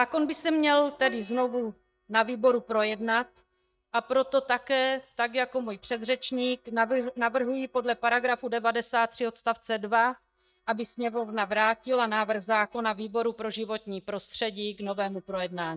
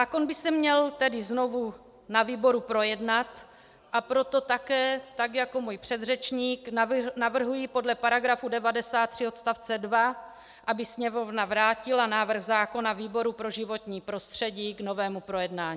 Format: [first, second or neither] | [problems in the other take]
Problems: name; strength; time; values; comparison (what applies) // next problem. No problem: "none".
second | noise reduction (neural mask model DeepFilterNet 3)